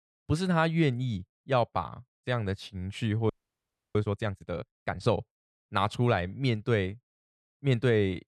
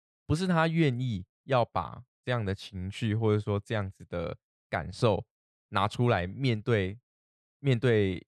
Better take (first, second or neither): second